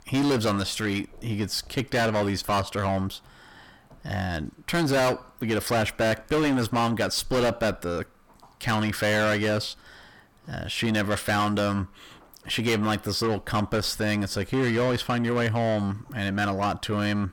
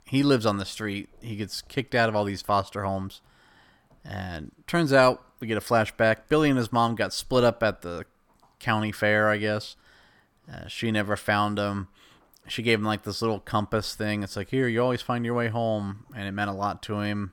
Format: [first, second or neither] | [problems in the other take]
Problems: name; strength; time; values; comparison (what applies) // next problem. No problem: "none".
second | distortion; heavy; 6 dB below the speech